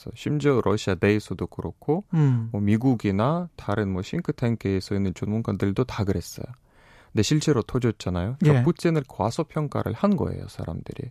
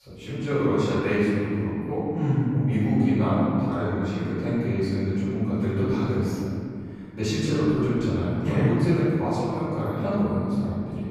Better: first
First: none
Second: off-mic speech; far // room echo; strong; dies away in 2.4 s

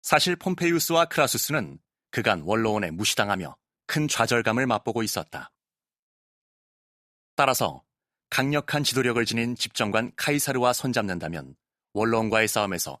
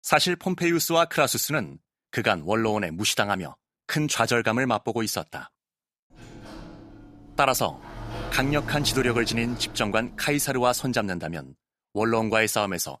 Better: first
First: none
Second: door banging; noticeable; from 6 to 11 s; peak 9 dB below the speech

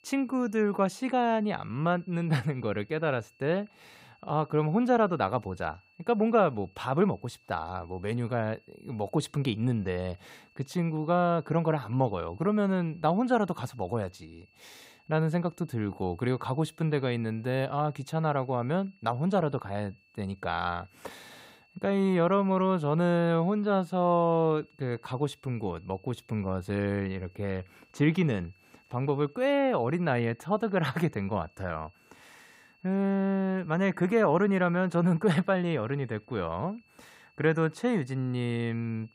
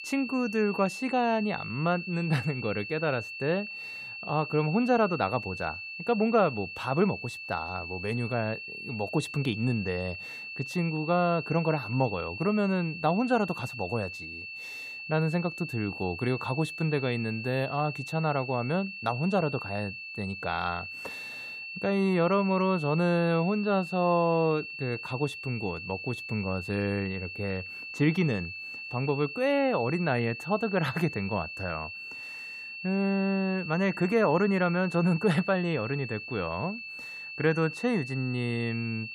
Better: first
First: high-pitched whine; faint; throughout; 2.5 kHz, 35 dB below the speech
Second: high-pitched whine; loud; throughout; 2.5 kHz, 8 dB below the speech

